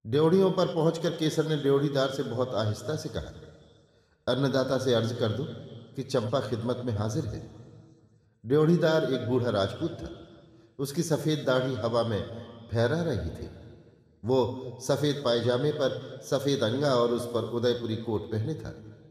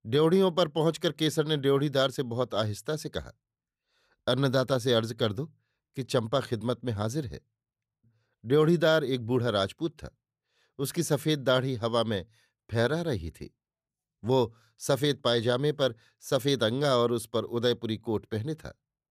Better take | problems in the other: second | room echo; slight; dies away in 1.7 s

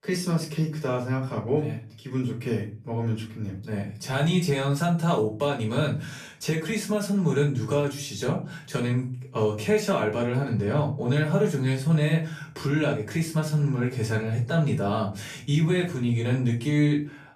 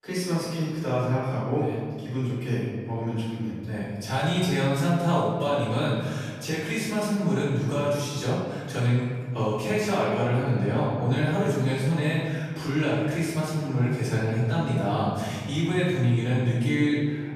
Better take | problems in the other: first | room echo; strong; dies away in 1.7 s; slight in the first // off-mic speech; far; far in the first

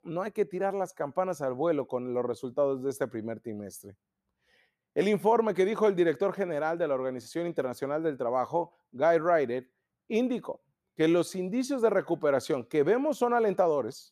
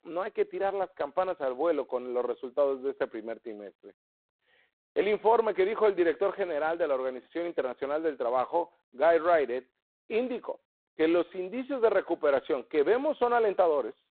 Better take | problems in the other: first | phone-call audio; poor line; nothing above 4 kHz

